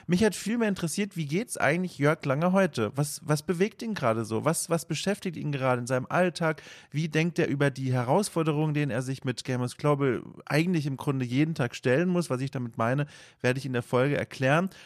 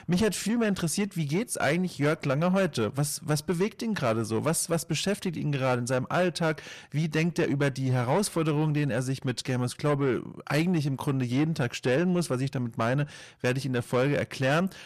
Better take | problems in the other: first | distortion; slight; 10 dB below the speech

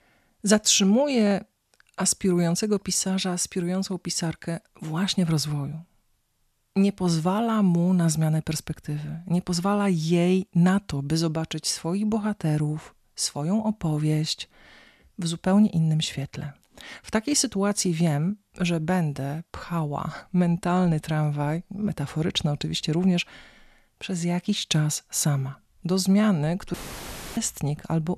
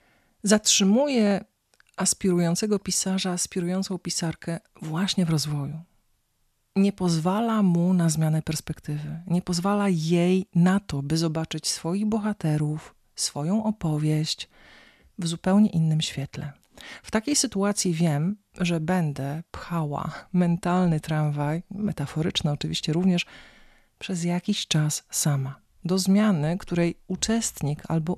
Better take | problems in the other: second | audio cutting out; filled with static; at 27 s for 0.5 s

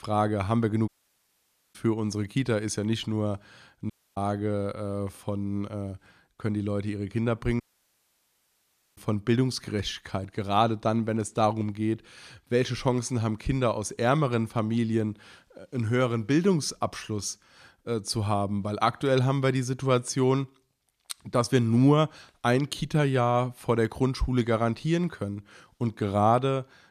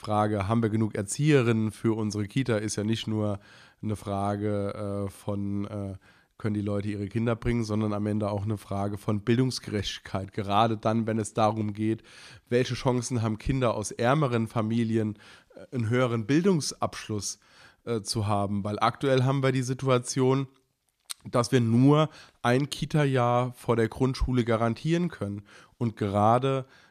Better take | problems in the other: second | audio cutting out; at 1 s for 1 s, at 4 s and at 7.5 s for 1.5 s

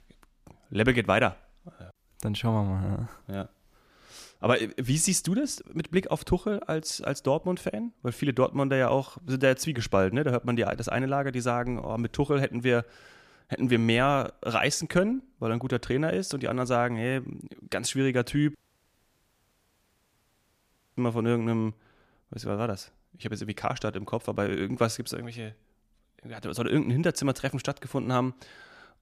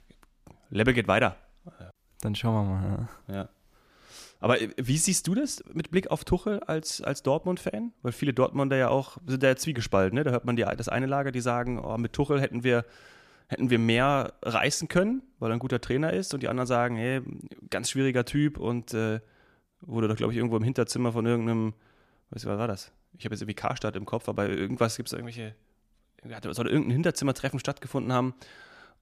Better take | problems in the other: second | audio cutting out; at 19 s for 2.5 s

